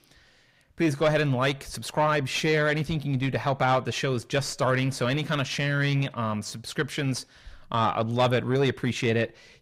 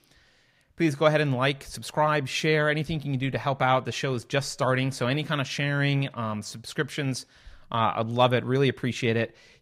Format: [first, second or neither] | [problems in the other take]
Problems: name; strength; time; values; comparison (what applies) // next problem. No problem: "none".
second | distortion; slight; 10 dB below the speech